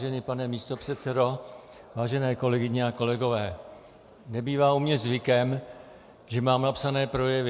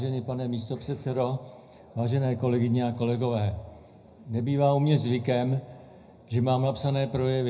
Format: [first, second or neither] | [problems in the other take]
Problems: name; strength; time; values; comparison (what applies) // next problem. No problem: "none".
first | room echo; dies away in 0.4 s